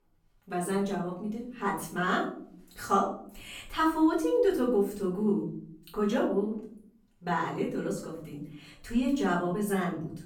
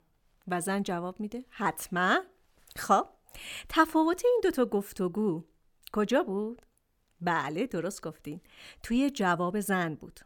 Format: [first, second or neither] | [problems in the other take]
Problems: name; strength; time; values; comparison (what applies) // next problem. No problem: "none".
second | off-mic speech; far // room echo; noticeable; dies away in 0.7 s